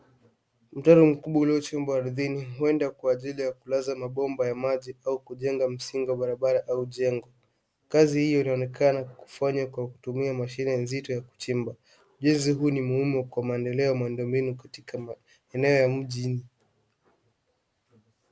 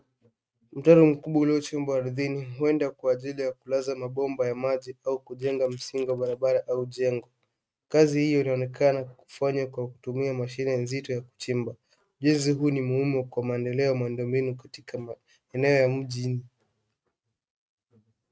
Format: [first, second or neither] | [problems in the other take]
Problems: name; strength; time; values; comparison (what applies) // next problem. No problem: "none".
first | noise reduction (neural mask model RNNoise)